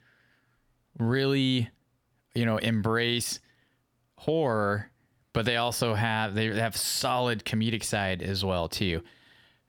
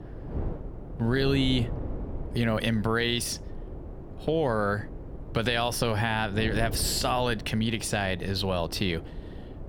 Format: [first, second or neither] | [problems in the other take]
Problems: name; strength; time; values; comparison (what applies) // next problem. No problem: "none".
first | wind noise on the microphone; occasional gusts; 15 dB below the speech